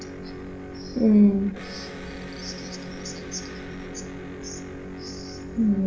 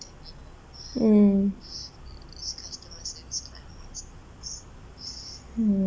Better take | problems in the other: second | background sound (Electric guitar); 10 dB below the speech // room echo; dies away in 0.5 s

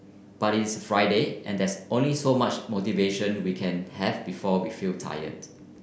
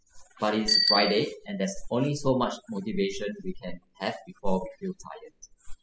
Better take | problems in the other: first | noise reduction (classical method spectral subtraction)

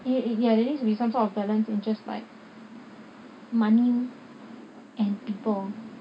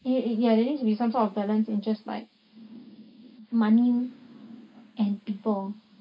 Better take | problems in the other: first | noise reduction (neural mask model Resemble Enhance denoiser)

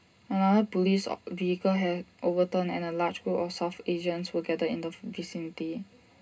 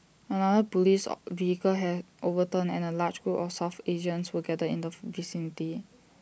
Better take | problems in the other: second | room echo; dies away in 0.2 s

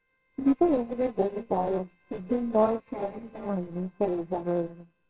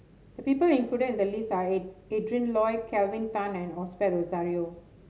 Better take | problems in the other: second | noise reduction (neural separator model SepFormer WHAMR!)

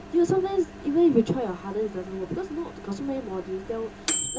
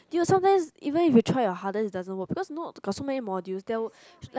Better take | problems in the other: second | background sound (Microwave oven); 9 dB below the speech // room echo; dies away in 0.2 s

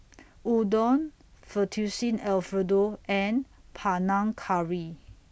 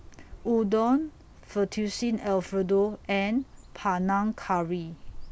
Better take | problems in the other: first | background sound (Bird); 19 dB below the speech

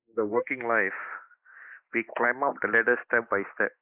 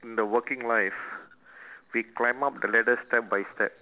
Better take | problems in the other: second | noise reduction (neural mask model Resemble Enhance denoiser)

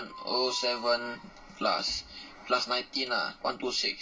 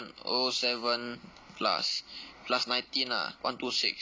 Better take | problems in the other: second | background sound (Squeak); 16 dB below the speech // room echo; dies away in 0.2 s

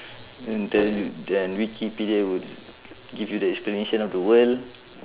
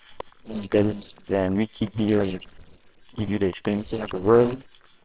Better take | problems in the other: first | noise reduction (neural separator model SepFormer WHAMR!)

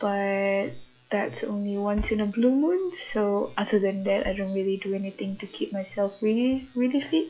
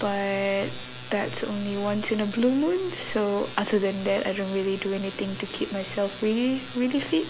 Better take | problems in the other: second | noise reduction (classical method log-MMSE)

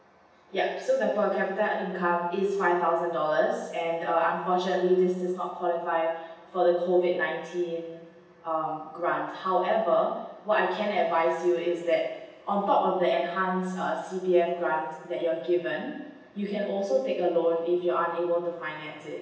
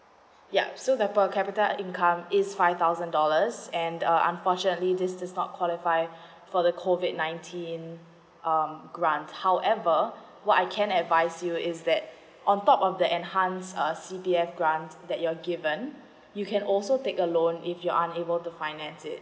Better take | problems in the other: second | room echo; dies away in 0.9 s

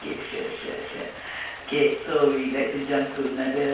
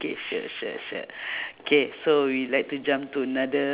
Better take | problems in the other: second | background sound (Stream); 17 dB below the speech // room echo; dies away in 0.5 s

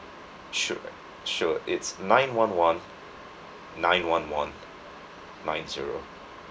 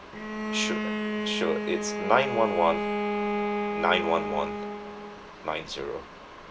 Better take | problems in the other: first | background sound (Bowed string instrument); 1 dB below the speech

